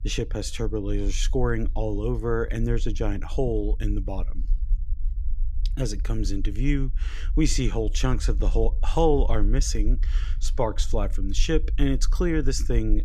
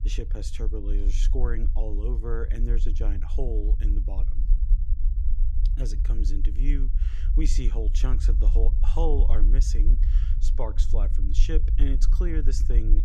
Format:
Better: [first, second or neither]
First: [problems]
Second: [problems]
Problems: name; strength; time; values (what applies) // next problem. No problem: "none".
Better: first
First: low rumble; faint; throughout; 25 dB below the speech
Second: low rumble; loud; throughout; 10 dB below the speech